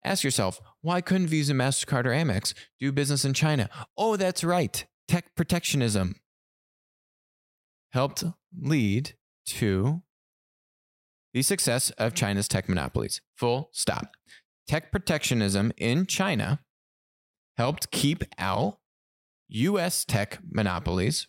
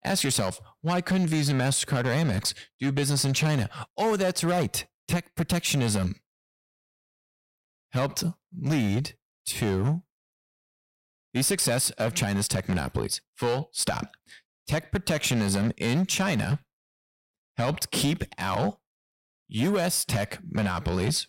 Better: first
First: none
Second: distortion; slight; 8% of the sound clipped

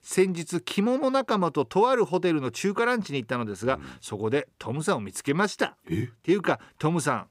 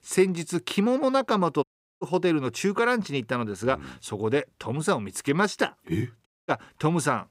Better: first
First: none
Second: audio cutting out; at 1.5 s and at 6.5 s

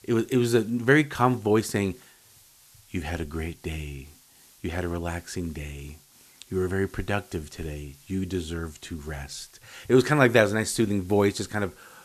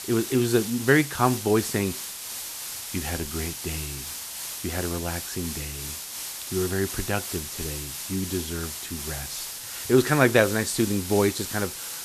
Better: first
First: hiss; faint; throughout; 25 dB below the speech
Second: hiss; loud; throughout; 6 dB below the speech

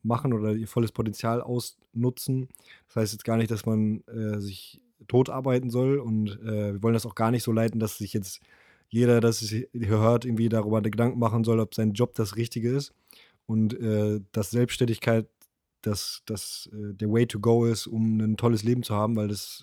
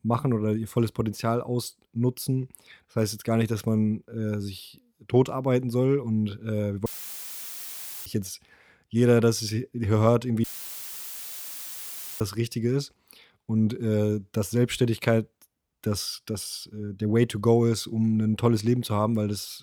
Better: first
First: none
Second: audio cutting out; filled with static; at 7 s for 1 s and at 10 s for 2 s

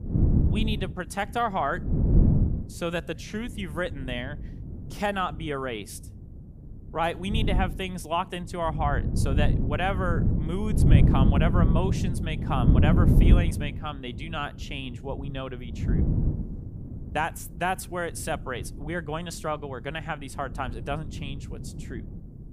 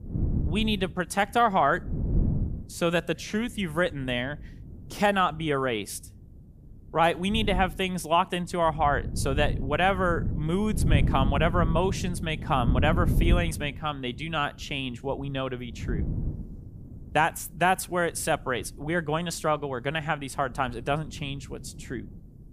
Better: second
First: wind noise on the microphone; heavy; 5 dB below the speech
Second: wind noise on the microphone; occasional gusts; 15 dB below the speech

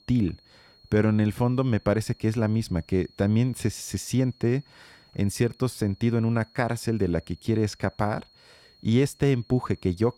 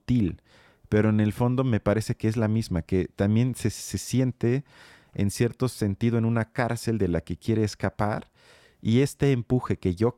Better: second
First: high-pitched whine; faint; throughout; 4.5 kHz, 30 dB below the speech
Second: none

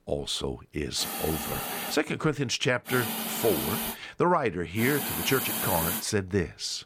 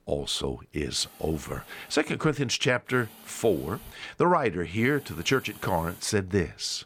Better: second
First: hiss; loud; at 1 s, from 3 to 4 s and from 5 to 6 s; 2 dB below the speech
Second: hiss; faint; at 1 s, from 3 to 4 s and from 5 to 6 s; 20 dB below the speech

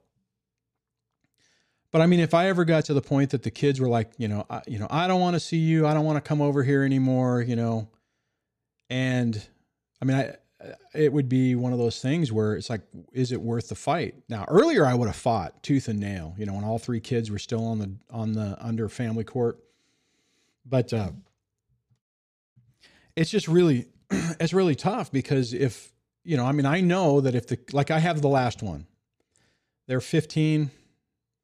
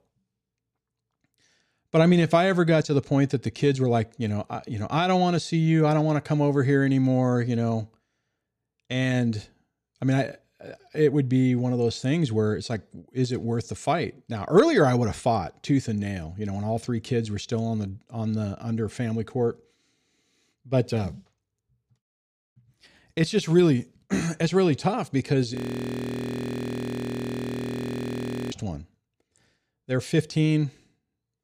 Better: first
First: none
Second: audio freezing; at 26 s for 3 s

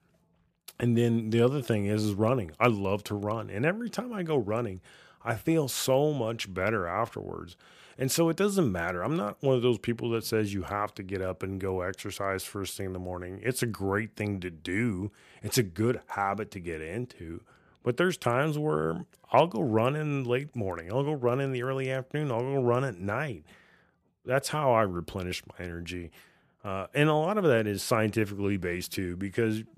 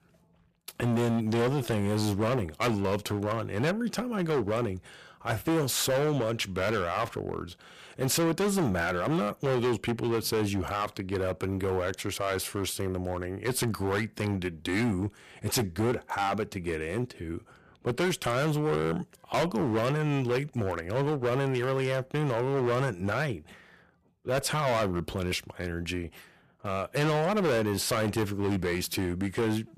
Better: first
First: none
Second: distortion; heavy; 14% of the sound clipped

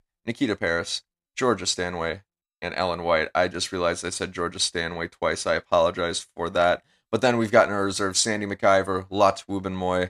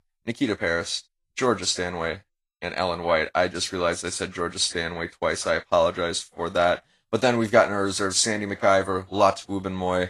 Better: first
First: none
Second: garbled, watery; slightly

